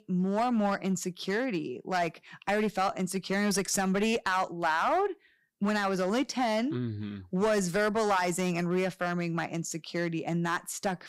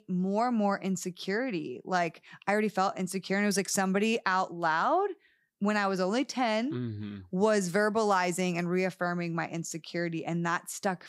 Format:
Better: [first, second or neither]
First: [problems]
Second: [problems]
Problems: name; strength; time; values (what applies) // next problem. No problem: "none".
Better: second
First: distortion; slight; 5% of the sound clipped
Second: none